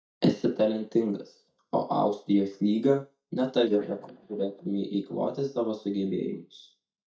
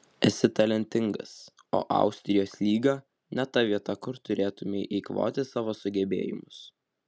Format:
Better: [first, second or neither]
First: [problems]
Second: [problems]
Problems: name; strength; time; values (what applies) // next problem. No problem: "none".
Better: second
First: noise reduction (neural mask model DeepFilterNet 3)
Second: none